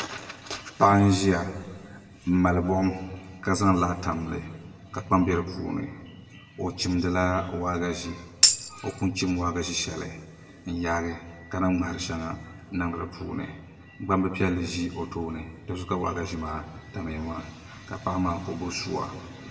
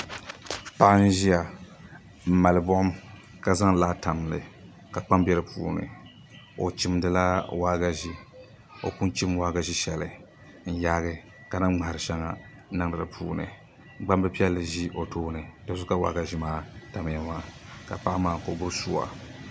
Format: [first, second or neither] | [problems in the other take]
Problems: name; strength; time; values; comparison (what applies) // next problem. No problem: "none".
second | background sound (Tambourine); 3 dB above the speech // room echo; dies away in 1.1 s